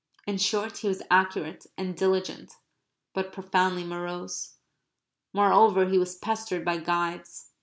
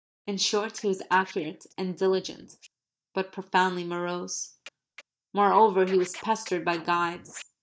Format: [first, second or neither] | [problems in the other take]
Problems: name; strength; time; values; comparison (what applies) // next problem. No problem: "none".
first | noise reduction (neural mask model DeepFilterNet 3)